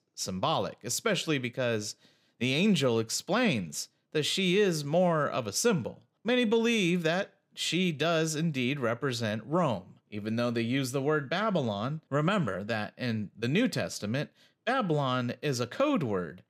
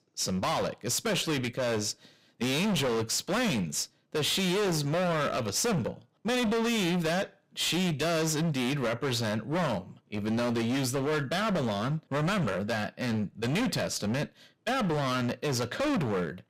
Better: first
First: none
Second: distortion; heavy; 30% of the sound clipped

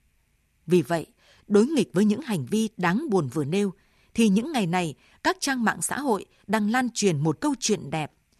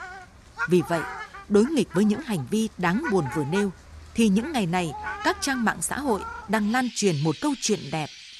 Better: first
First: none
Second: animal sounds; noticeable; throughout; 10 dB below the speech

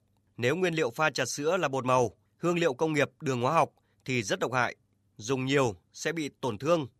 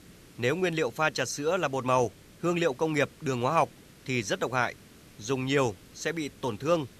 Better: first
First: none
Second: hiss; faint; throughout; 25 dB below the speech

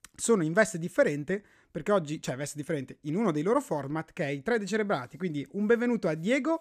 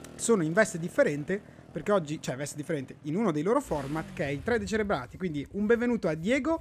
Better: first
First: none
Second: traffic noise; faint; throughout; 20 dB below the speech

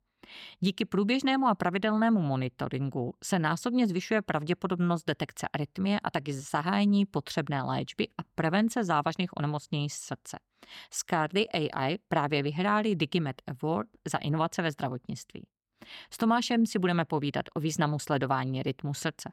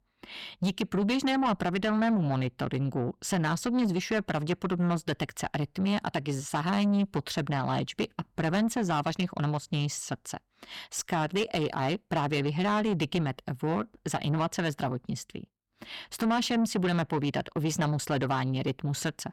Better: first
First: none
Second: distortion; slight; 10 dB below the speech

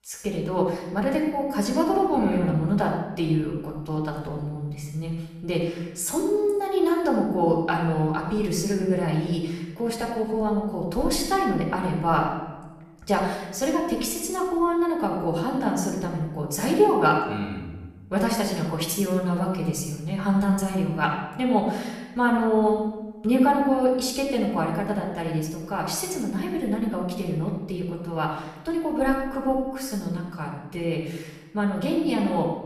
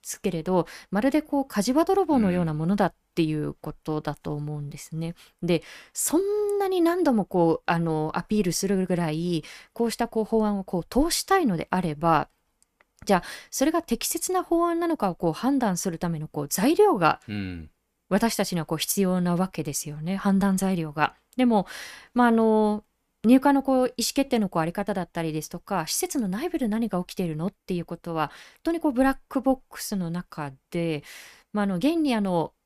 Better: second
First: off-mic speech; somewhat distant // room echo; noticeable; dies away in 1 s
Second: none

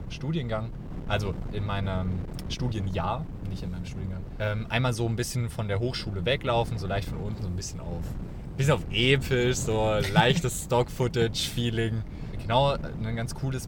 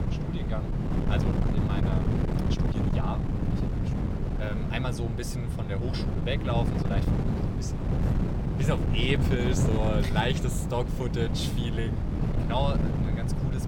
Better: first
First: wind noise on the microphone; occasional gusts; 20 dB below the speech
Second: wind noise on the microphone; heavy; 2 dB below the speech

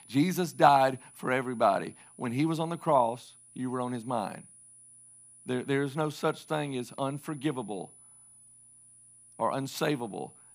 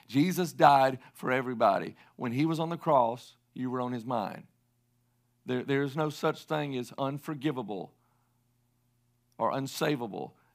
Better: second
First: high-pitched whine; faint; throughout; 10 kHz, 25 dB below the speech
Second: none

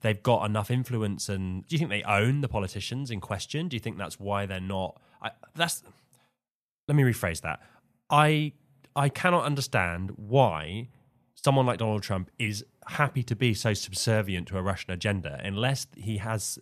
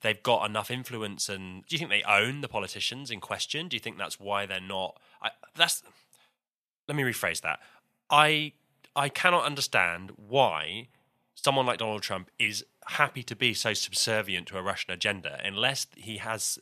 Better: first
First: none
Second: thin; somewhat; fading below 650 Hz

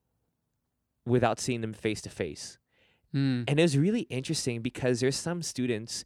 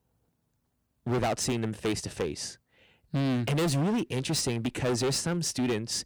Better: first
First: none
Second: distortion; heavy; 16% of the sound clipped

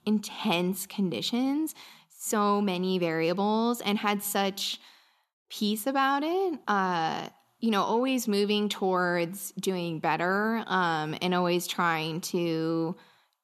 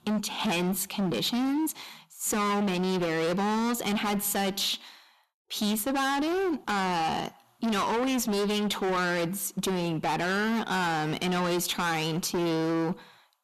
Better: first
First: none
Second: distortion; heavy; 32% of the sound clipped

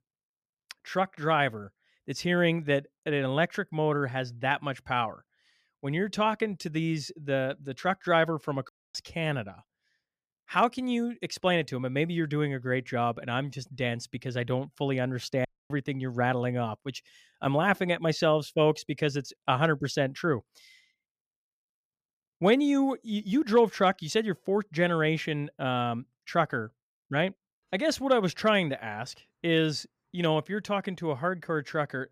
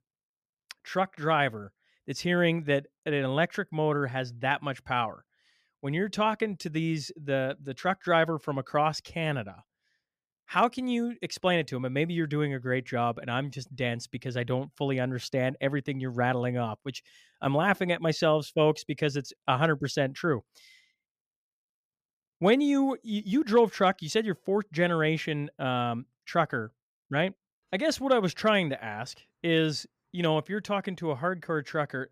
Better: second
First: audio cutting out; at 8.5 s and at 15 s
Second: none

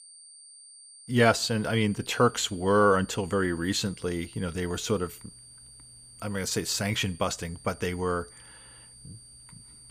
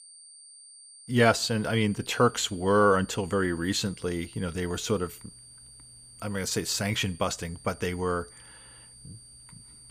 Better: neither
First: high-pitched whine; faint; throughout; 9 kHz, 20 dB below the speech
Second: high-pitched whine; faint; throughout; 9 kHz, 20 dB below the speech

